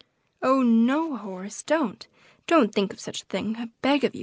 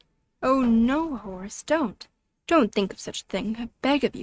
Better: first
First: none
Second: noise reduction (neural mask model RNNoise)

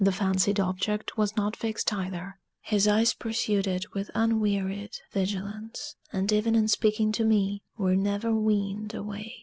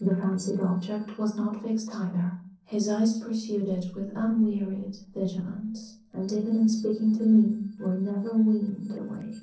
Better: first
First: none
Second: noise reduction (neural separator model SepFormer DNS4)

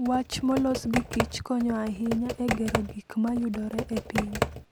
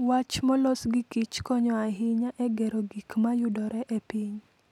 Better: second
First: background sound (Computer keyboard); 4 dB below the speech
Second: none

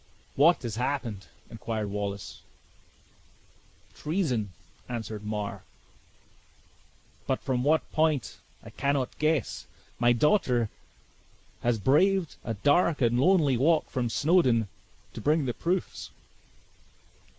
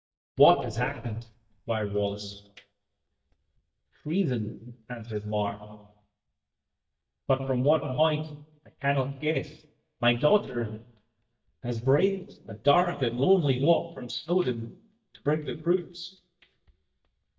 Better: first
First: none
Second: noise reduction (neural mask model DeepFilterNet 3)

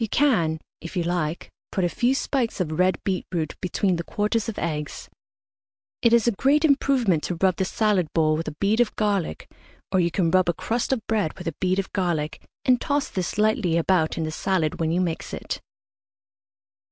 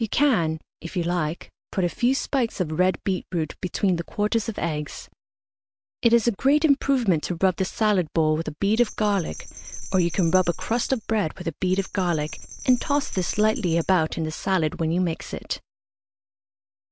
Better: first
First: none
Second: background sound (Bell); 9 dB below the speech

